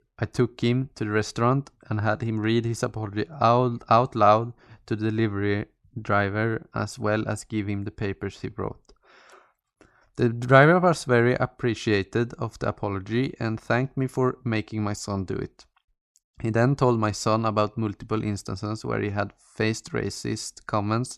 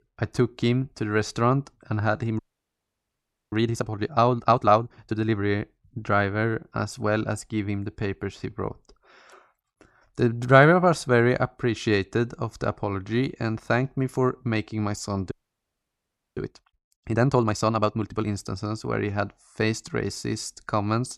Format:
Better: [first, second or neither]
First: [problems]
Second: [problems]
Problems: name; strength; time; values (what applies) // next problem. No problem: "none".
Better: first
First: none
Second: audio freezing; at 2.5 s for 1 s and at 15 s for 1 s